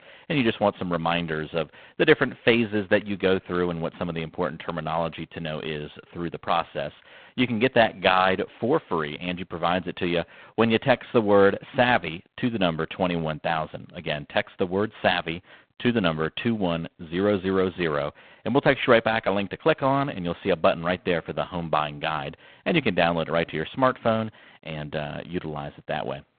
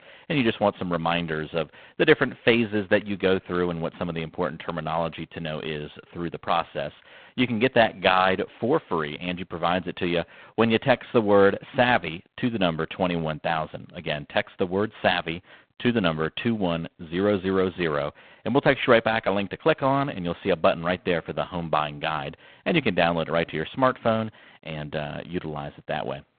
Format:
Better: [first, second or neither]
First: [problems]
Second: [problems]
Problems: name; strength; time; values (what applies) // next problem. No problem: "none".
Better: neither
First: phone-call audio; poor line; nothing above 4 kHz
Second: phone-call audio; poor line; nothing above 4 kHz